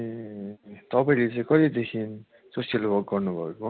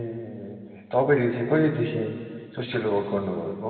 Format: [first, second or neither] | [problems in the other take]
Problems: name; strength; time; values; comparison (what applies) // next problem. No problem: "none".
first | room echo; dies away in 2.5 s